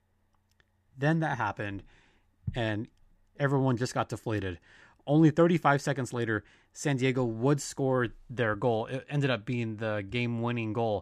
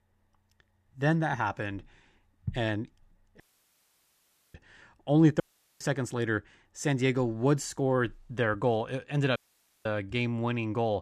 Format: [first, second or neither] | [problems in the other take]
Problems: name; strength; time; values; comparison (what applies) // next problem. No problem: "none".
first | audio cutting out; at 3.5 s for 1 s, at 5.5 s and at 9.5 s